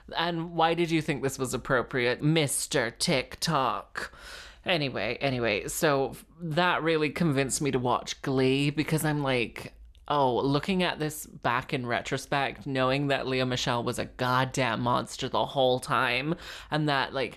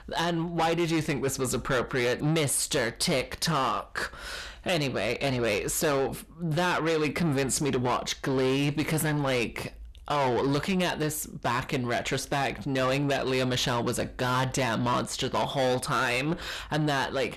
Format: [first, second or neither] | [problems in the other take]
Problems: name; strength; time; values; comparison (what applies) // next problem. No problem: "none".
first | distortion; heavy; 8 dB below the speech